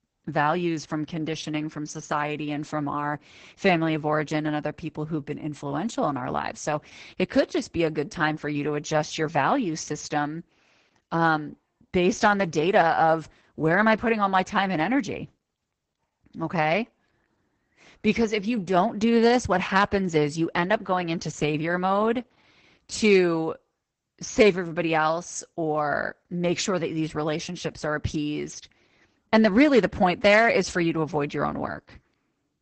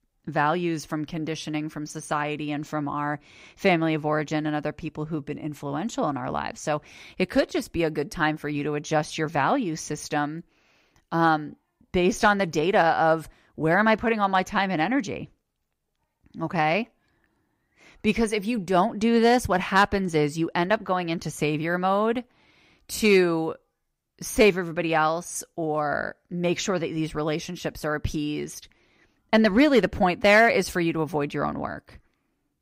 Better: second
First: garbled, watery; badly; nothing above 8 kHz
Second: none

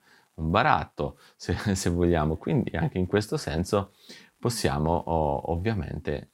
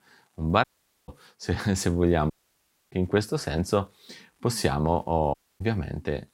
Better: first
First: none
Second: audio cutting out; at 0.5 s, at 2.5 s for 0.5 s and at 5.5 s

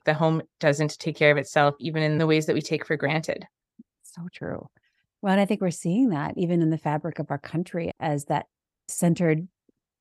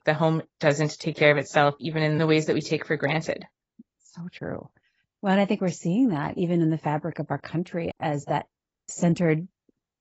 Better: first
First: none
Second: garbled, watery; badly; nothing above 7.5 kHz

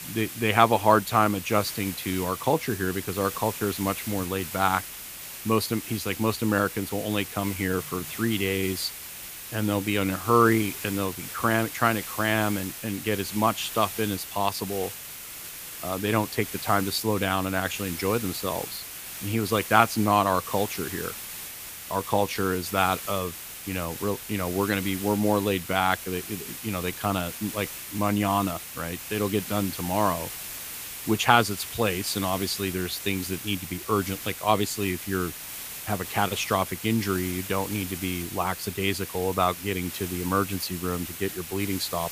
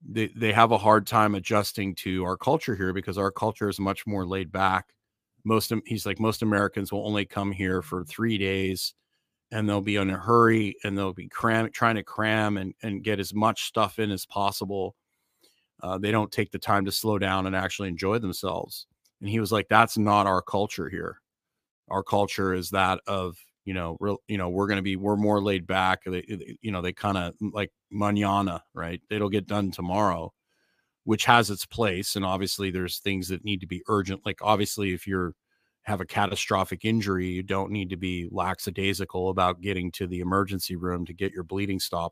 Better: second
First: hiss; loud; throughout; 9 dB below the speech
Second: none

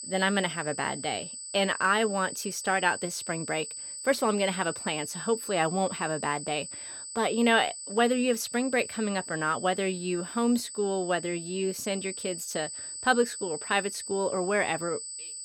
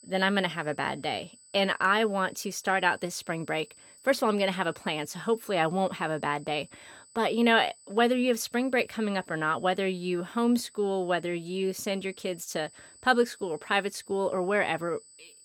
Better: second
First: high-pitched whine; loud; throughout; 8 kHz, 8 dB below the speech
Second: high-pitched whine; faint; throughout; 8 kHz, 25 dB below the speech

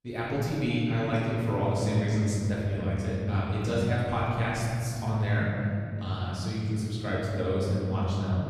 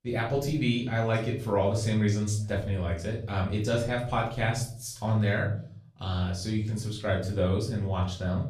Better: second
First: room echo; strong; dies away in 3 s // off-mic speech; far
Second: room echo; slight; dies away in 0.5 s // off-mic speech; far

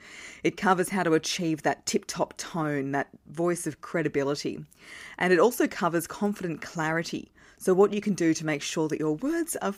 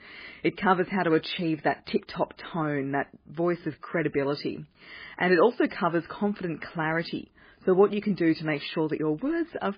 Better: first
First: none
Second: garbled, watery; badly

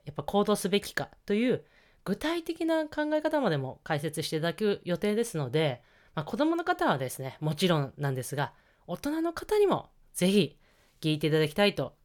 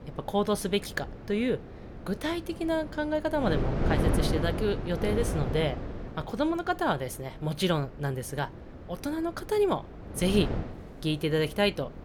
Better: first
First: none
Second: wind noise on the microphone; heavy; 9 dB below the speech

